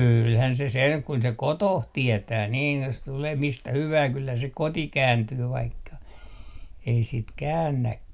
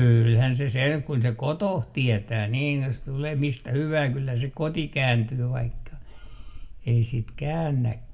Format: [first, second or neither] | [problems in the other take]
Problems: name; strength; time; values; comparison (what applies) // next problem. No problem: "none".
first | room echo; dies away in 0.4 s